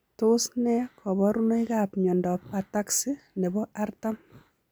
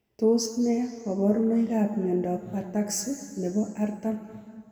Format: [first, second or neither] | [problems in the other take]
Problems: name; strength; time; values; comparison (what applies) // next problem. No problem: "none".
first | room echo; dies away in 2.1 s